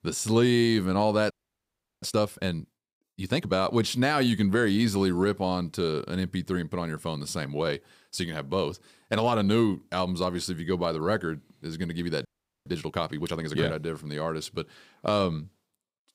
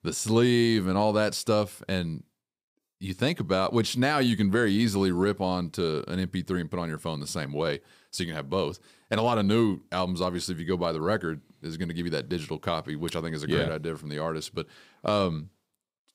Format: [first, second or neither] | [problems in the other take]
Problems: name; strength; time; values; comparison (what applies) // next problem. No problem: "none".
second | audio freezing; at 1.5 s for 0.5 s and at 12 s